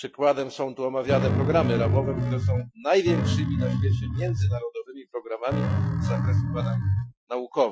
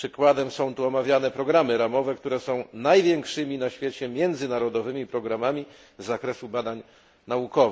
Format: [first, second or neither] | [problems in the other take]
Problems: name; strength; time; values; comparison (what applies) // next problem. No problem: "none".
second | noise reduction (classical method Wiener filter)